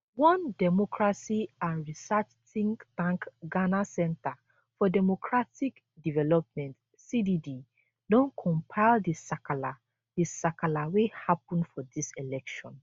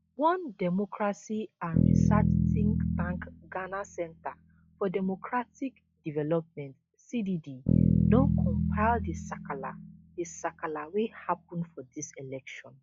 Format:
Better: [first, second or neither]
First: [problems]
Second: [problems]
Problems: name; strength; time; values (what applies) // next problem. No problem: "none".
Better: first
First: none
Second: noise reduction (classical method log-MMSE)